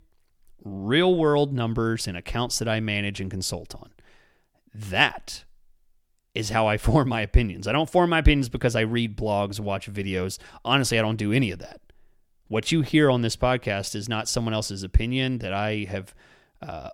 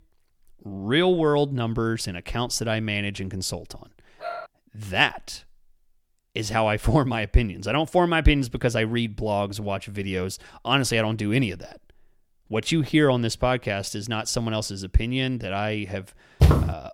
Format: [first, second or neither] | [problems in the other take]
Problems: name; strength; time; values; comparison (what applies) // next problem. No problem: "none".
first | dog barking; faint; at 4 s; peak 10 dB below the speech // footsteps; loud; at 16 s; peak 5 dB above the speech